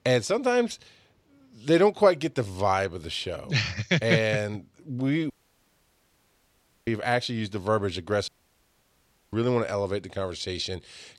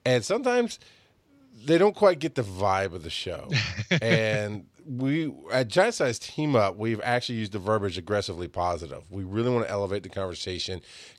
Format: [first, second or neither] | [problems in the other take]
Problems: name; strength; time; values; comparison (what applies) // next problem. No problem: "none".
second | audio cutting out; at 5.5 s for 1.5 s and at 8.5 s for 1 s